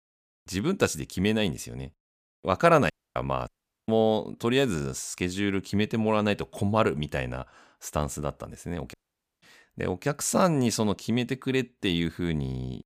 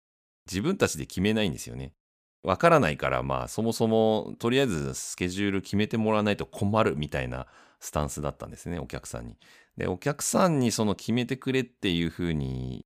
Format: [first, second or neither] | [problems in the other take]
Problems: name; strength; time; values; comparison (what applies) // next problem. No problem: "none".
second | audio cutting out; at 3 s, at 3.5 s and at 9 s